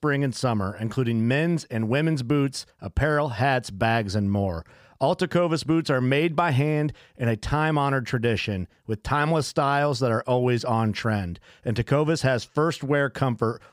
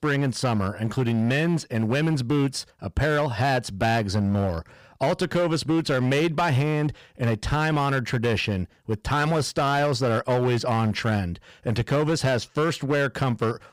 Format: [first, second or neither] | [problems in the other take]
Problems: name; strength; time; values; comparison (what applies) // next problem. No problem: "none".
first | distortion; slight; 13% of the sound clipped